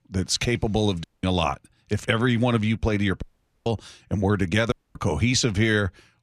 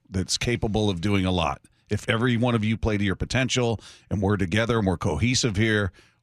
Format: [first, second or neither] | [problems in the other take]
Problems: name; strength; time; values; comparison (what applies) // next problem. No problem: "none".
second | audio cutting out; at 1 s, at 3 s and at 4.5 s